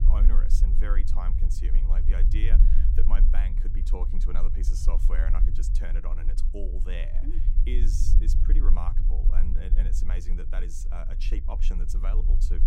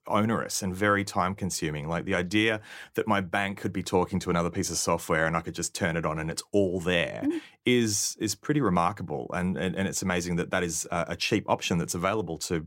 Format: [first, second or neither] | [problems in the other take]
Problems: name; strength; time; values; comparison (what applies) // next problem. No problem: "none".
second | low rumble; loud; throughout; 6 dB below the speech